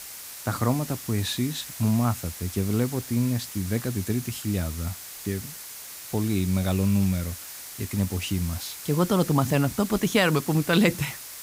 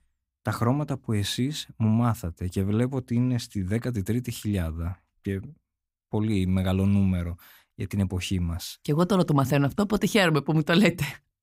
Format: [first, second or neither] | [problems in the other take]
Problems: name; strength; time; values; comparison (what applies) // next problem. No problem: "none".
second | hiss; noticeable; throughout; 10 dB below the speech